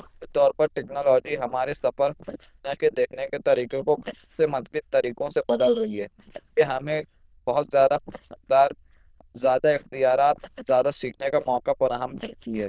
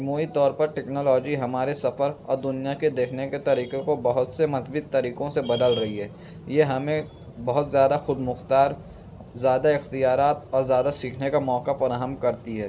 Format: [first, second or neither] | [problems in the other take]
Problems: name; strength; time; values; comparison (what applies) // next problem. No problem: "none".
second | noise reduction (neural diffusion model UNIVERSE++)